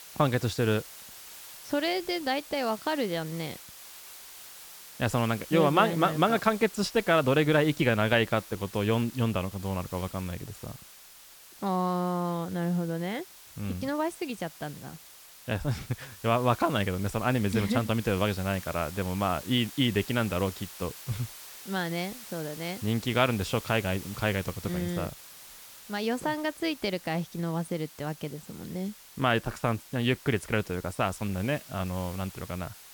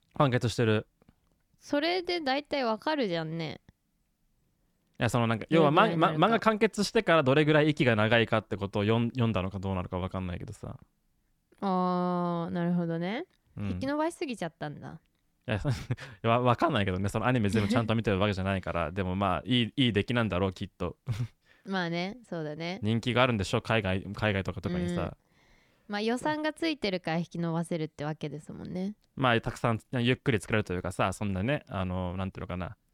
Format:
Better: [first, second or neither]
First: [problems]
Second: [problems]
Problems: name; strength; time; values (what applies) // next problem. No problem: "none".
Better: second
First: hiss; noticeable; throughout; 15 dB below the speech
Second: none